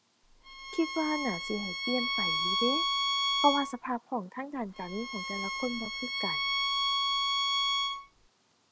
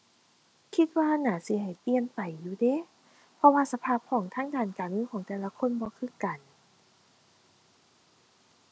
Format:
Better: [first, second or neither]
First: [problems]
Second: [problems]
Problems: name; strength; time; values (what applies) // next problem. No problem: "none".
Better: second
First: background sound (Bowed string instrument); 4 dB above the speech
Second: none